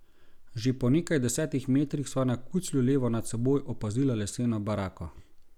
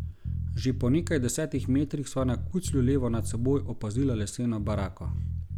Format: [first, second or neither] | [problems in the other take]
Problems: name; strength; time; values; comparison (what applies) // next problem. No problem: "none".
first | background sound (Bass guitar); 5 dB below the speech